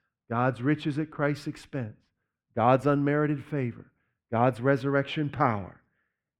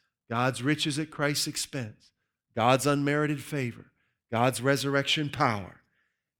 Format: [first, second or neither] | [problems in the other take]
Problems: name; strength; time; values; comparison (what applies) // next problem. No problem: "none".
second | muffled; very; fading above 3 kHz